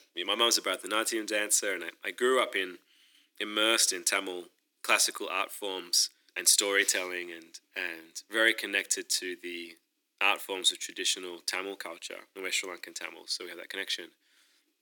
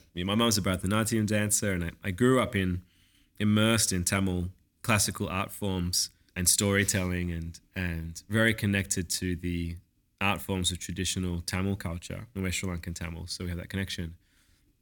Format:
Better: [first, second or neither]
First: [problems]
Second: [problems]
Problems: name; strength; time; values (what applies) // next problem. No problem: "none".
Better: second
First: thin; very; fading below 350 Hz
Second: none